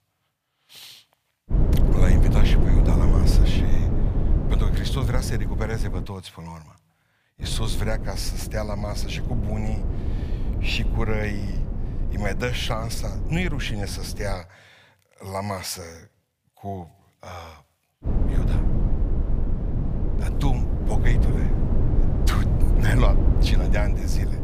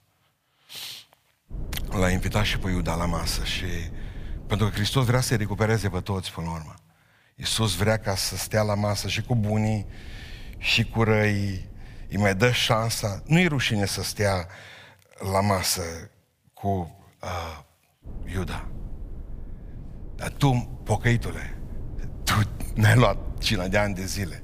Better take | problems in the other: second | low rumble; loud; from 1.5 to 6 s, from 7.5 to 14 s and from 18 s on; 4 dB below the speech; faint in the second

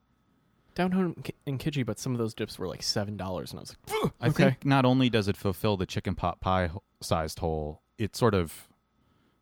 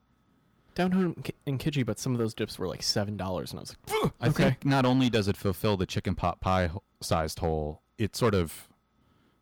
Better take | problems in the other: first | distortion; slight; 3% of the sound clipped

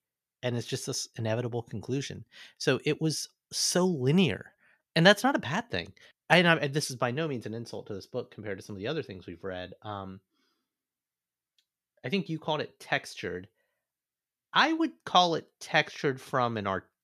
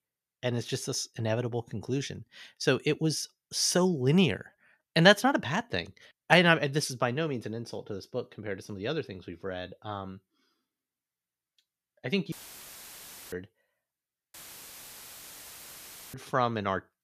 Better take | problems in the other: first | audio cutting out; filled with static; at 12 s for 1 s and at 14 s for 2 s

